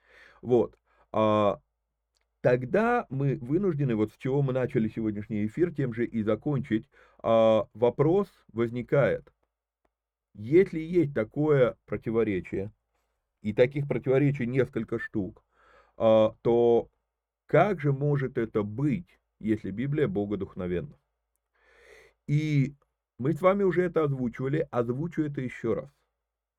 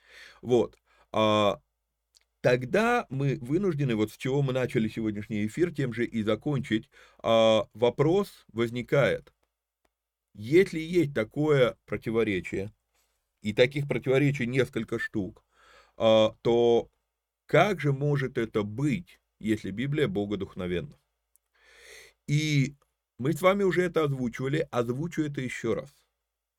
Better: second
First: muffled; slightly; fading above 2.5 kHz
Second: none

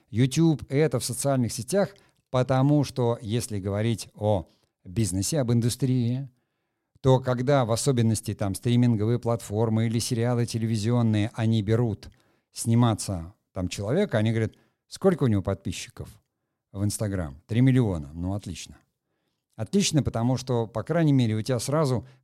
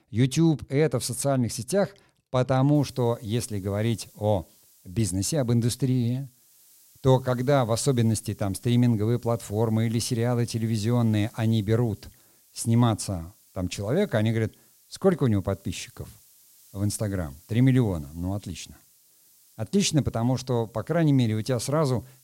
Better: first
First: none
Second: hiss; faint; from 3 s on; 30 dB below the speech

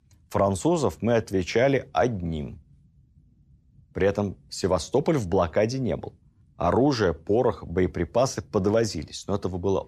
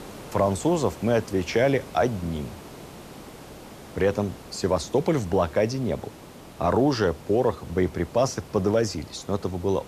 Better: first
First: none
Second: hiss; noticeable; throughout; 20 dB below the speech

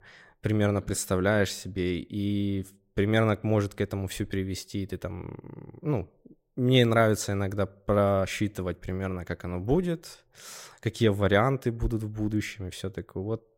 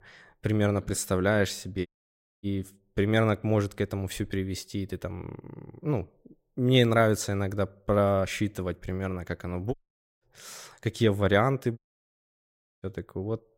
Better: first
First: none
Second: audio cutting out; at 2 s for 0.5 s, at 9.5 s and at 12 s for 1 s

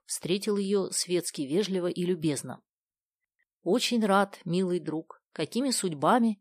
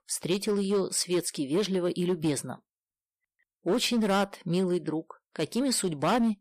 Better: first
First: none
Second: distortion; slight; 8% of the sound clipped

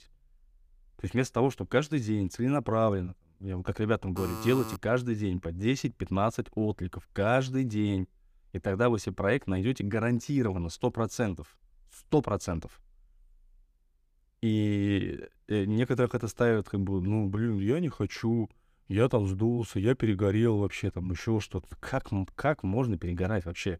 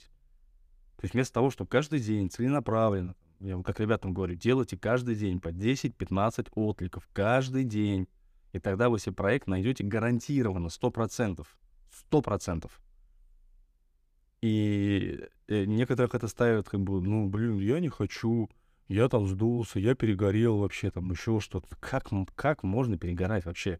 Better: second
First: alarm; noticeable; at 4 s; peak 8 dB below the speech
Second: none

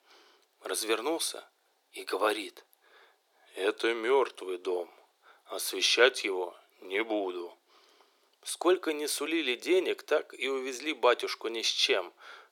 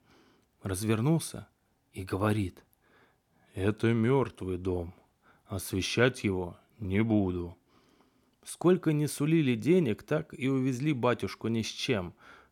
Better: second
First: thin; very; fading below 400 Hz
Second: none

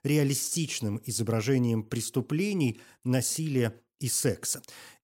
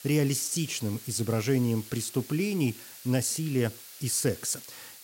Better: first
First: none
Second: hiss; noticeable; throughout; 15 dB below the speech

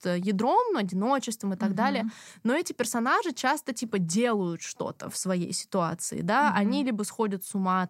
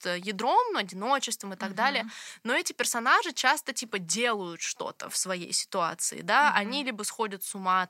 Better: first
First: none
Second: thin; somewhat; fading below 850 Hz

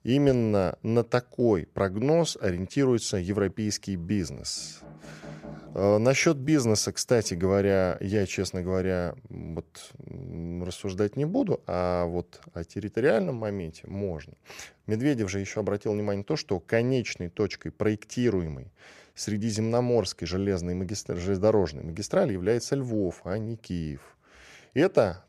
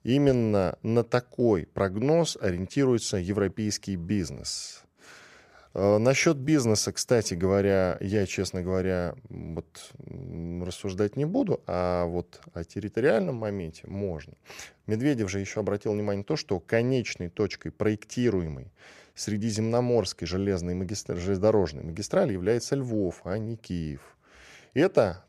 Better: second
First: door banging; faint; from 4.5 to 6 s; peak 15 dB below the speech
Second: none

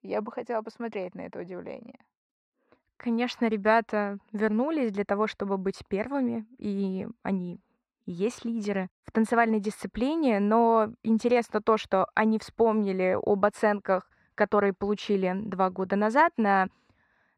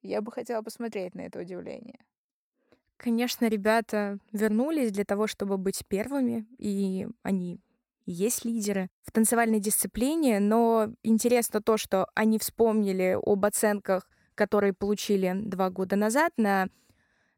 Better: second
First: muffled; slightly; fading above 3 kHz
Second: none

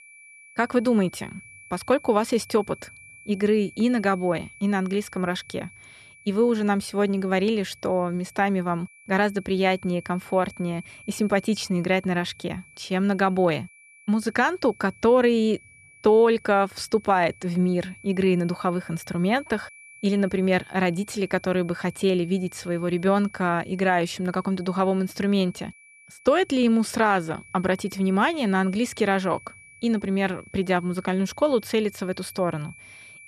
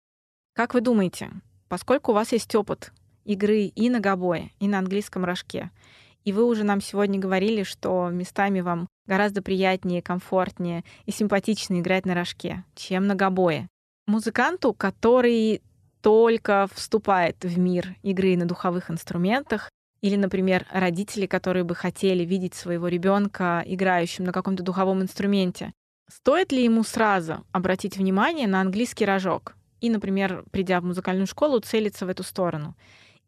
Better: second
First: high-pitched whine; faint; throughout; 2.5 kHz, 25 dB below the speech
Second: none

